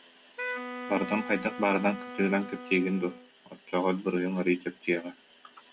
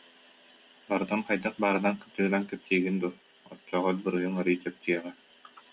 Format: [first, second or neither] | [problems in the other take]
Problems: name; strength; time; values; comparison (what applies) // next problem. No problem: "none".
second | background sound (Wind instrument, woodwind instrument); 10 dB below the speech